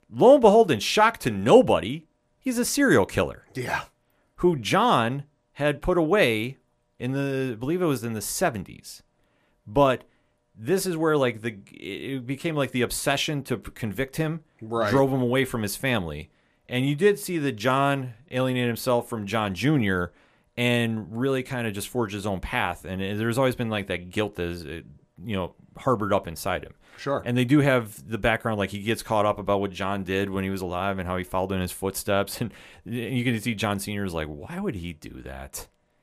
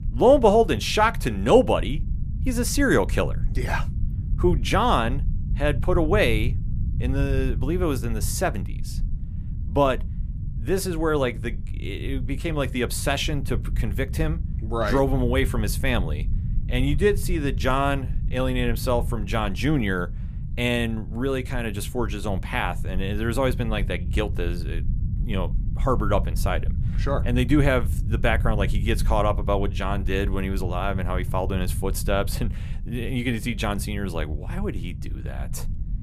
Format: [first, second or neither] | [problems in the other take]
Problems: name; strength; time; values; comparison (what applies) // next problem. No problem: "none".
first | low rumble; noticeable; throughout; 20 dB below the speech